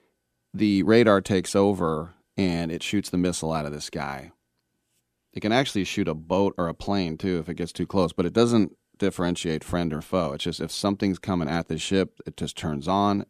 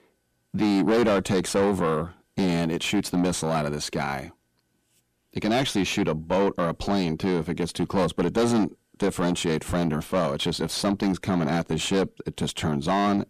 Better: first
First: none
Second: distortion; heavy; 6 dB below the speech

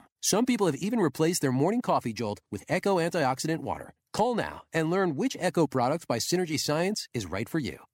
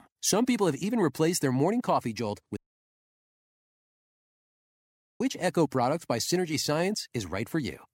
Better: first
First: none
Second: audio cutting out; at 2.5 s for 2.5 s

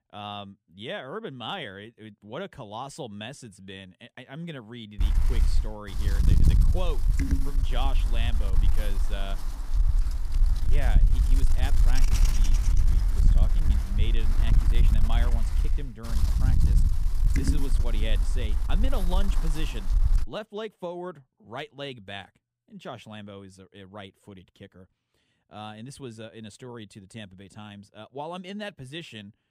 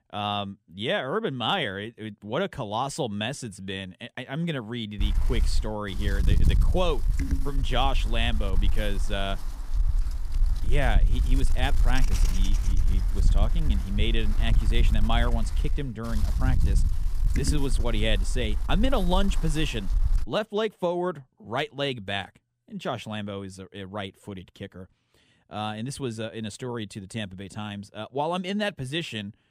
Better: second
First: wind noise on the microphone; heavy; from 5 to 20 s; 4 dB below the speech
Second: wind noise on the microphone; occasional gusts; from 5 to 20 s; 15 dB below the speech

